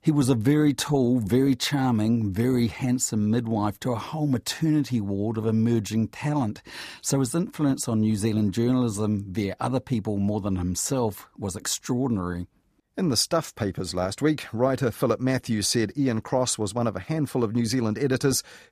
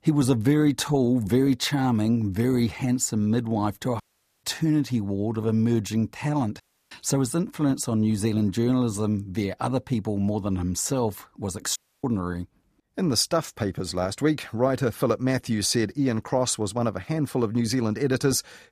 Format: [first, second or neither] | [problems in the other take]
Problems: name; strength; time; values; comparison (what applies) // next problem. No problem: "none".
first | audio cutting out; at 4 s, at 6.5 s and at 12 s